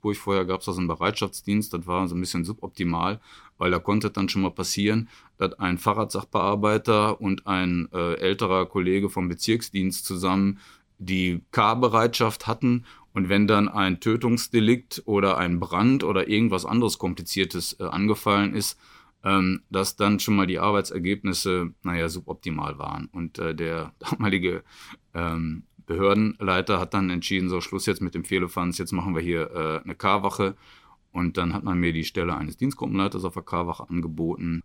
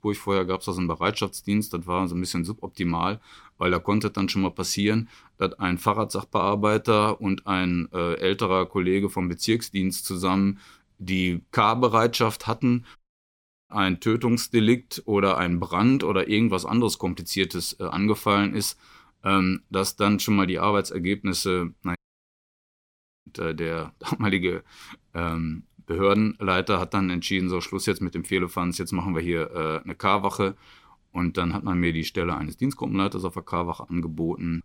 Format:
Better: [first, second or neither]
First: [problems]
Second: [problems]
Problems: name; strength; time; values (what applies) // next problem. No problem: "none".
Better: first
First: none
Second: audio cutting out; at 13 s for 0.5 s and at 22 s for 1.5 s